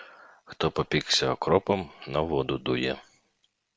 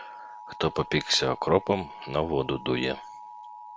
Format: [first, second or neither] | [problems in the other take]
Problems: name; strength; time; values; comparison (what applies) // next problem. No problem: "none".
first | background sound (Alarm); 15 dB below the speech